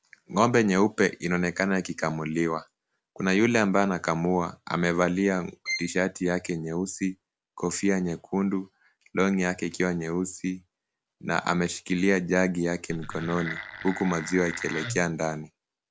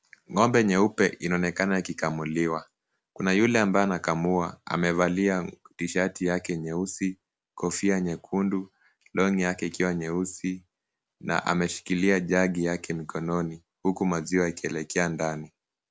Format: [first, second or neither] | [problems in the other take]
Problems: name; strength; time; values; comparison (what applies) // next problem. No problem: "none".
second | background sound (Wood + Bowed string instrument); 10 dB below the speech